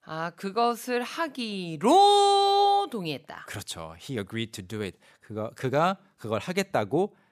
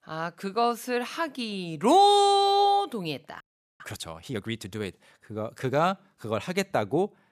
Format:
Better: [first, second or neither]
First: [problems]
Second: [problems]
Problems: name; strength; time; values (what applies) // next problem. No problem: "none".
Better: first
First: none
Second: audio freezing; at 3.5 s